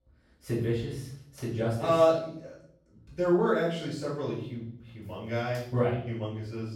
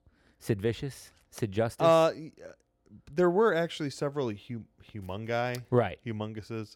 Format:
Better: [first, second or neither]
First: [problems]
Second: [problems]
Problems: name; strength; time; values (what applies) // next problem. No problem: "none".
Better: second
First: off-mic speech; far // room echo; noticeable; dies away in 0.6 s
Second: none